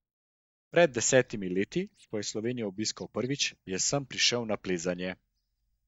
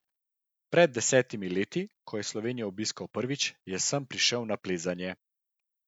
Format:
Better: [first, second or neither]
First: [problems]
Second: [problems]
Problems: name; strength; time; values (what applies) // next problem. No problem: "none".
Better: second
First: noise reduction (neural mask model DeepFilterNet 3)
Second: none